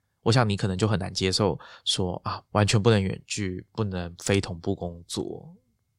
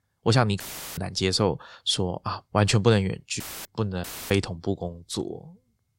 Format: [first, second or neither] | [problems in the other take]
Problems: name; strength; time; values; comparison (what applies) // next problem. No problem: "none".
first | audio cutting out; filled with static; at 0.5 s, at 3.5 s and at 4 s